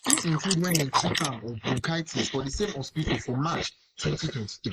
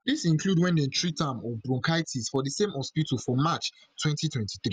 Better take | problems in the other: second | noise reduction (neural mask model Resemble Enhance denoiser)

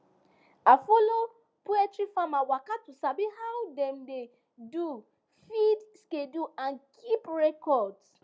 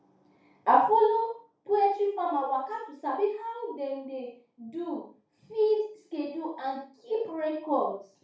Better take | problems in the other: first | room echo; dies away in 0.4 s

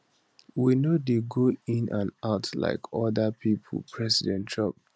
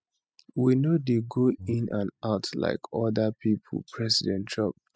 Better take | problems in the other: first | noise reduction (classical method spectral subtraction)

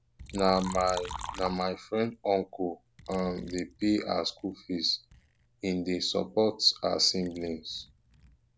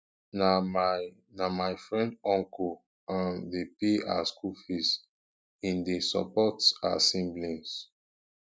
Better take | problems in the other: second | background sound (Liquid); 16 dB below the speech

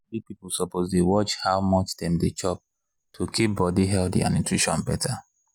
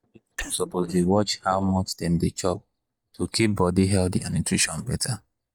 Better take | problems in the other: first | noise reduction (neural mask model DeepFilterNet 3)

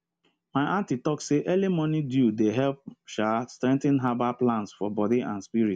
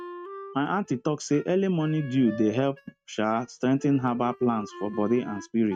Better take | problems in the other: first | noise reduction (neural mask model RNNoise)

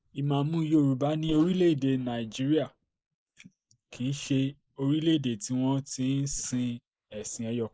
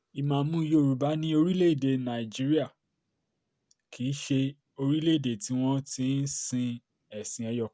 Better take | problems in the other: second | noise reduction (neural mask model Resemble Enhance denoiser)

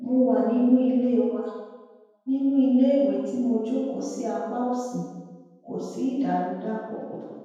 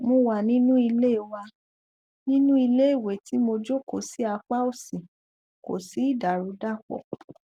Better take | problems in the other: second | room echo; dies away in 1.2 s

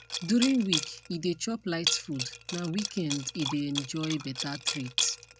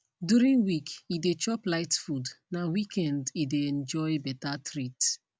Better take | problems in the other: second | background sound (Liquid); 4 dB below the speech

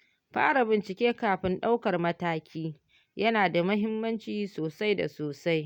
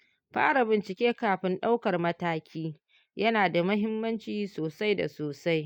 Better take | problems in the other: first | noise reduction (neural mask model Resemble Enhance denoiser)

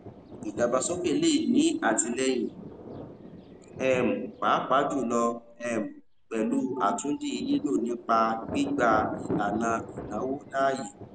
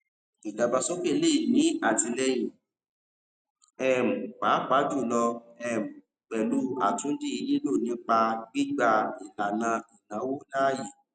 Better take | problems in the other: second | background sound (Thunder); 12 dB below the speech

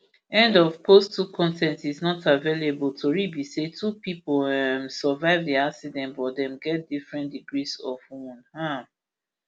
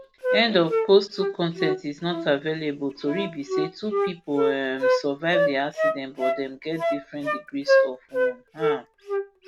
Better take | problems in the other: first | background sound (Wind instrument, woodwind instrument); as loud as the speech

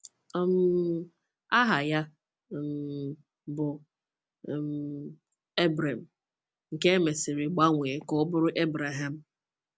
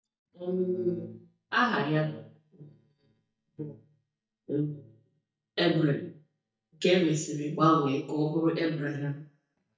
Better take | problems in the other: first | noise reduction (neural mask model DeepFilterNet 3)

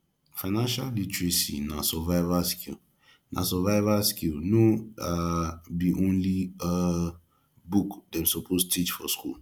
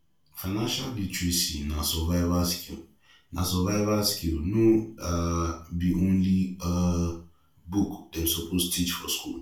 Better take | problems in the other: first | room echo; dies away in 0.4 s

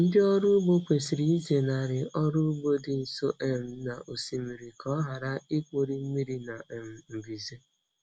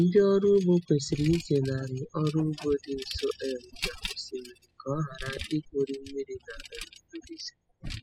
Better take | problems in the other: first | noise reduction (classical method spectral subtraction)

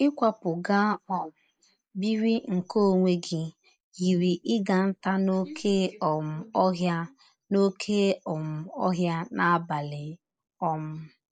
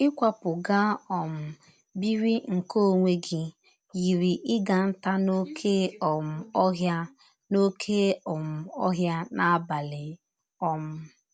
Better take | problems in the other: second | noise reduction (neural mask model Resemble Enhance denoiser)

